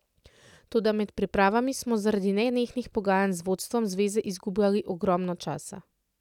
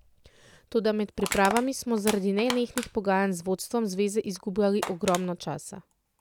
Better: first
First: none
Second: background sound (Crushing); 12 dB below the speech

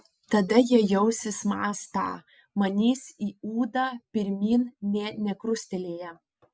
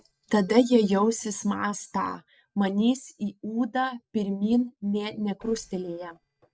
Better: first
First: none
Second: noise reduction (neural separator model SepFormer DNS4)

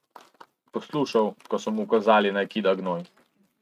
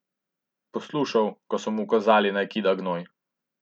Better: second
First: noise reduction (neural mask model RNNoise)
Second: none

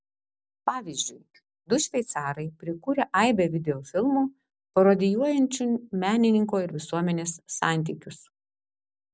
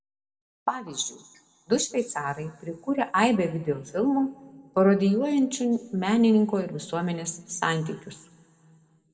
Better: first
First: none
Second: room echo; dies away in 1.4 s

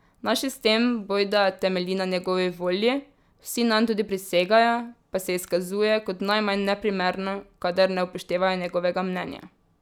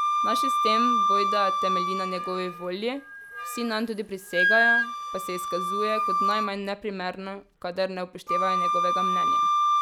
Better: first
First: none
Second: background sound (Wind instrument, woodwind instrument); 5 dB above the speech

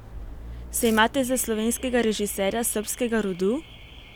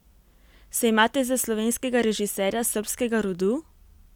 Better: second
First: background sound (Alarm / Car + Ratchet, pawl / Percussion); 15 dB below the speech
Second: none

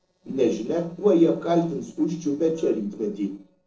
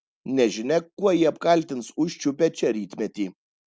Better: second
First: noise reduction (neural separator model SepFormer DNS4)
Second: none

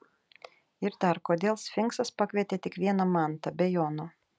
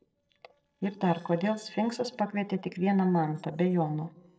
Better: first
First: none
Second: noise reduction (neural separator model SepFormer DNS4)

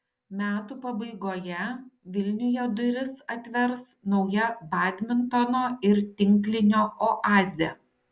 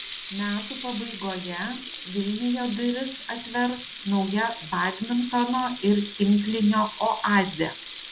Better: first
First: none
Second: background sound (Sink (filling or washing) / Water tap, faucet); 12 dB below the speech

